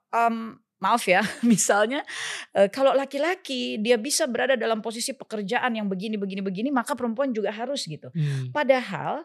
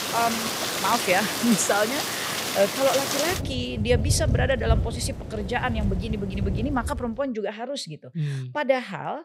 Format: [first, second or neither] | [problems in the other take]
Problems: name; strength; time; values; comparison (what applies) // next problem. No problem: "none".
first | rain or running water; loud; until 7 s; 1 dB below the speech